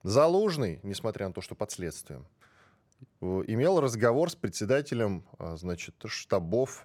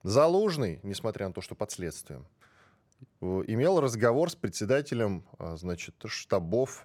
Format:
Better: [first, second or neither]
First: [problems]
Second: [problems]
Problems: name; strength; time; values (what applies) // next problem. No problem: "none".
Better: neither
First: none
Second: none